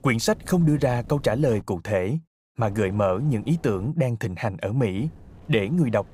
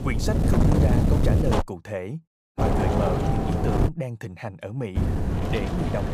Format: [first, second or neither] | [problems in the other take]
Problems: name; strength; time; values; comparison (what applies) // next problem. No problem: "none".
first | wind noise on the microphone; heavy; until 1.5 s, from 2.5 to 4 s and from 5 s on; 4 dB above the speech; occasional gusts in the first